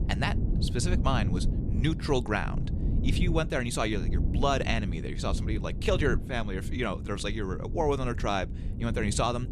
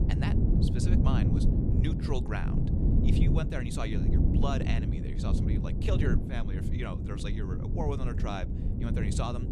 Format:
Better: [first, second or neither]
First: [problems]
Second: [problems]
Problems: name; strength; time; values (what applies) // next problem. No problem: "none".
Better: first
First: wind noise on the microphone; occasional gusts; 10 dB below the speech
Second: wind noise on the microphone; heavy; as loud as the speech